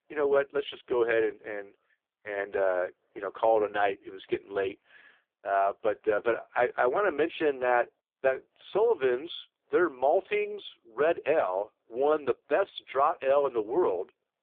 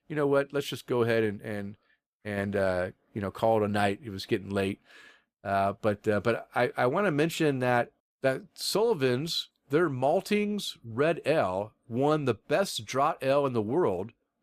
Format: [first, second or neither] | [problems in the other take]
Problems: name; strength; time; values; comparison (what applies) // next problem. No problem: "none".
second | phone-call audio; poor line; nothing above 3.5 kHz